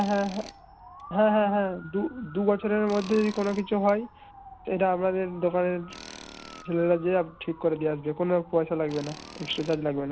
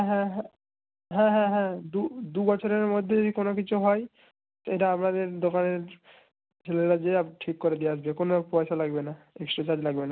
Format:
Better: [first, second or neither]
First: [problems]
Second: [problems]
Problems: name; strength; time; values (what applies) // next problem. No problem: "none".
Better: second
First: background sound (Tools + Motor vehicle (road) / Siren); 19 dB below the speech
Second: none